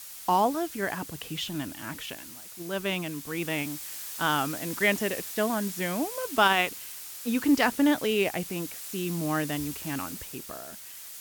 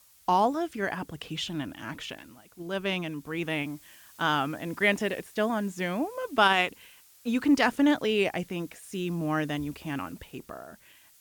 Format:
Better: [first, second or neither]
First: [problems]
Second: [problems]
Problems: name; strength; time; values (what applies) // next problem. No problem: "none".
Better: second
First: hiss; loud; throughout; 9 dB below the speech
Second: hiss; faint; throughout; 25 dB below the speech